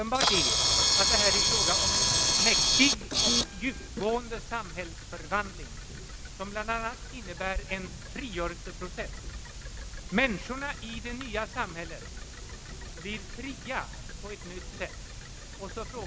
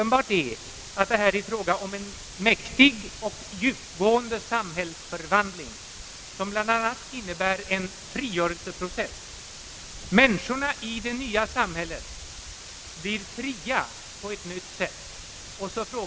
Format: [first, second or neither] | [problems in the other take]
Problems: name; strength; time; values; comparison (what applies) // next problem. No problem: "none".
second | background sound (Camera); 4 dB above the speech